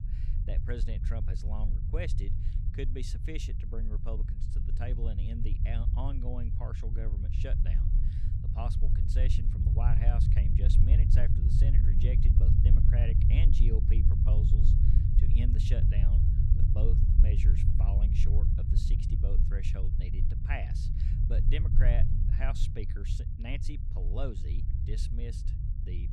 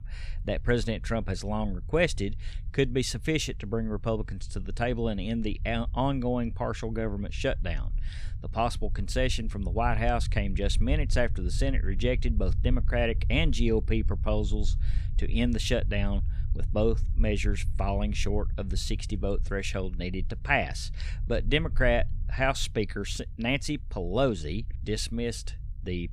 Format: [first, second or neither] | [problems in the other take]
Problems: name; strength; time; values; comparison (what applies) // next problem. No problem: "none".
second | low rumble; loud; throughout; 1 dB below the speech; faint in the second